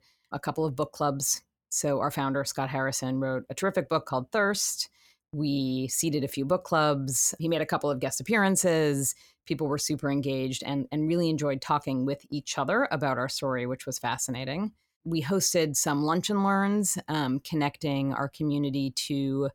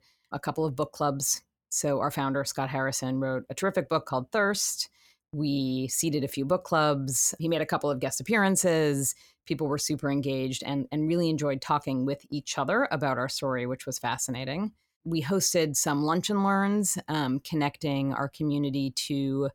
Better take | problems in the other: neither | none

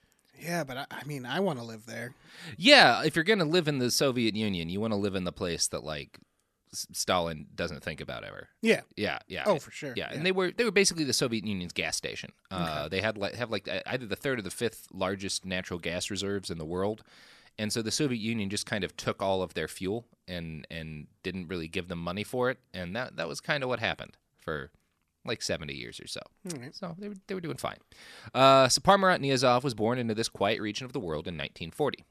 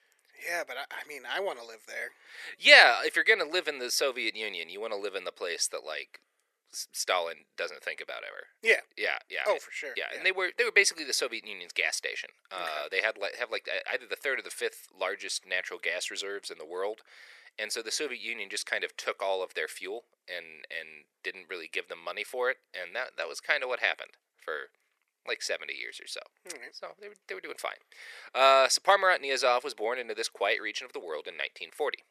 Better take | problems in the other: first | thin; very; fading below 450 Hz

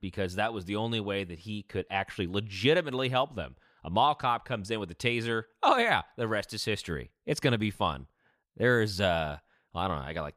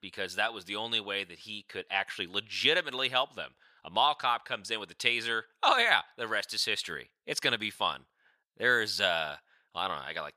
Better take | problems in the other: first | thin; somewhat; fading below 1 kHz

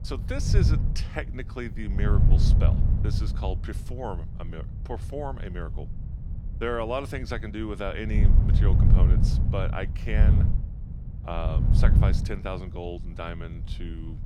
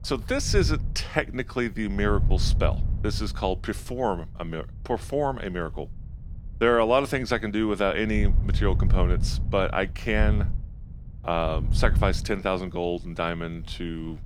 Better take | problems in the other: second | wind noise on the microphone; heavy; 5 dB below the speech; occasional gusts in the second

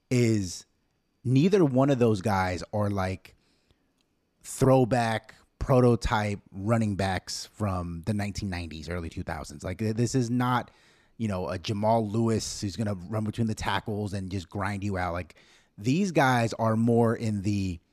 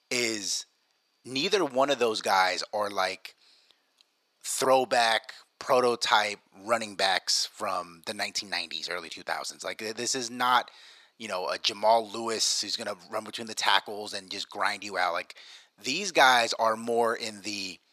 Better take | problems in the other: first | thin; very; fading below 700 Hz

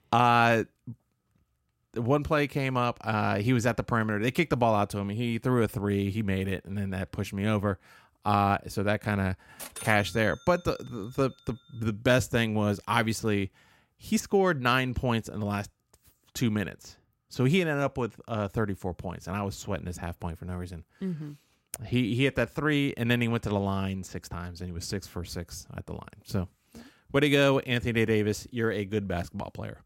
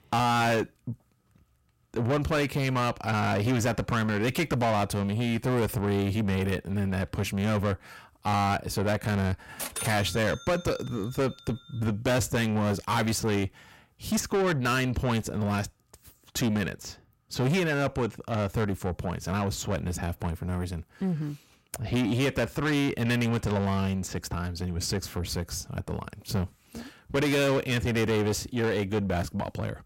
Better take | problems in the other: first | distortion; heavy; 7 dB below the speech

